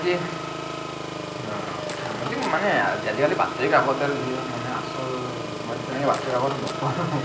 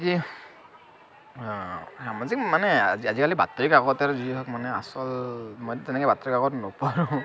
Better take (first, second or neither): second